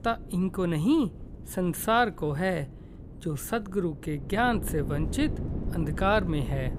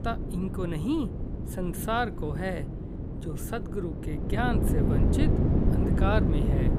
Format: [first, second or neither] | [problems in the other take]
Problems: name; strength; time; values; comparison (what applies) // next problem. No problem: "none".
first | wind noise on the microphone; heavy; 3 dB below the speech; occasional gusts in the first